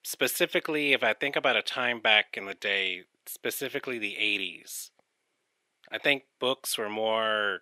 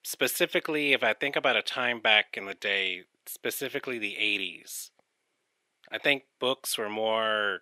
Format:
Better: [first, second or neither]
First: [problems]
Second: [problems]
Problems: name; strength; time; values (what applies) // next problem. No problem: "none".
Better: neither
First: thin; somewhat; fading below 450 Hz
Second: thin; somewhat; fading below 450 Hz